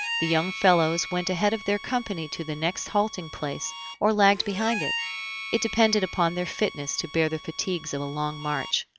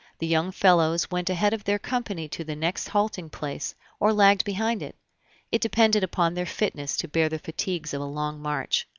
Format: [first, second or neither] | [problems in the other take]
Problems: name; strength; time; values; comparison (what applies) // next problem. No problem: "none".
second | background sound (Harmonica); 11 dB below the speech